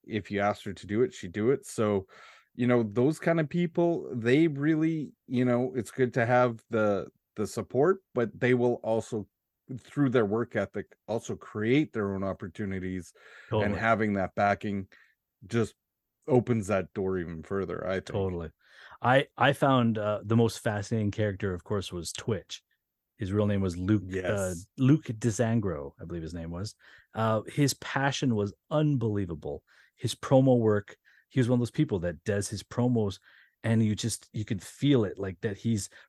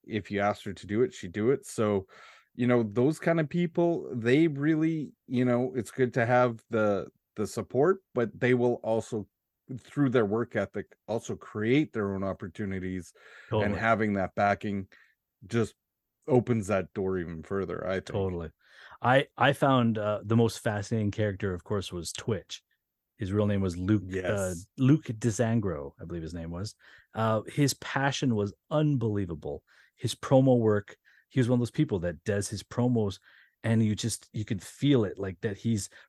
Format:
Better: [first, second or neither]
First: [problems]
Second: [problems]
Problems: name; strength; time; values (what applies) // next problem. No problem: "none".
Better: neither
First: none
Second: none